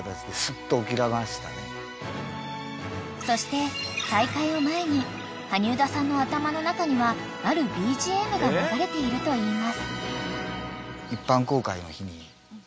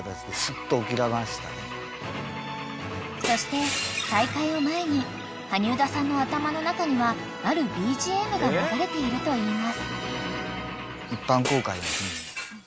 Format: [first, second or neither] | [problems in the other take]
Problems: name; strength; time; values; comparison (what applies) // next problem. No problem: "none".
first | background sound (Glass / Engine / Car); 10 dB below the speech